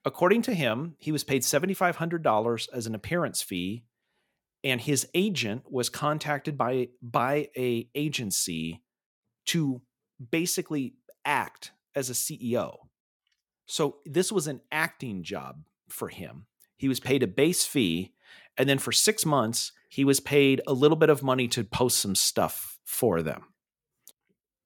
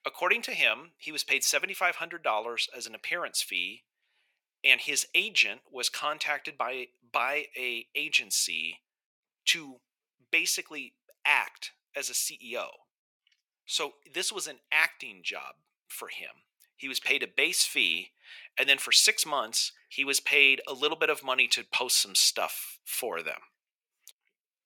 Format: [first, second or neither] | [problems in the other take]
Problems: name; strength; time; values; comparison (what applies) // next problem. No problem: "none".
first | thin; very; fading below 650 Hz